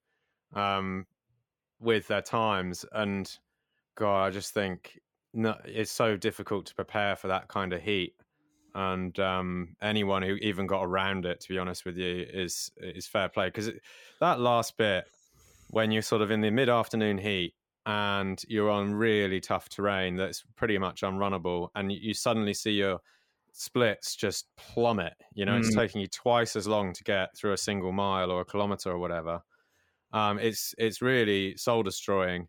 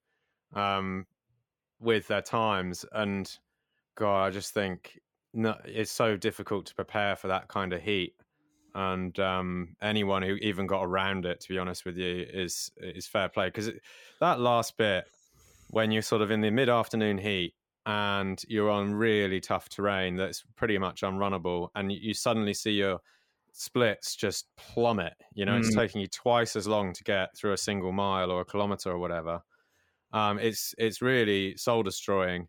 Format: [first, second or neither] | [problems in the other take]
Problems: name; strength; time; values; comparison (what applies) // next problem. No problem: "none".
neither | none